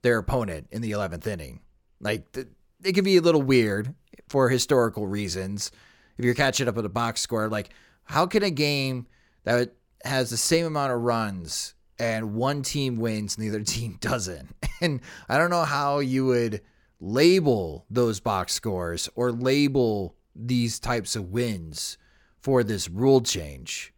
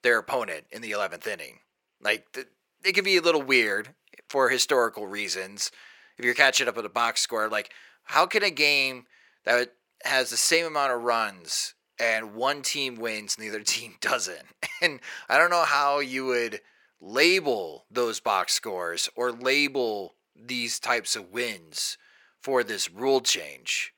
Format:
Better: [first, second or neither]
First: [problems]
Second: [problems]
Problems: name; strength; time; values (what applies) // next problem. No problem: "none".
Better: first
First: none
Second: thin; very; fading below 500 Hz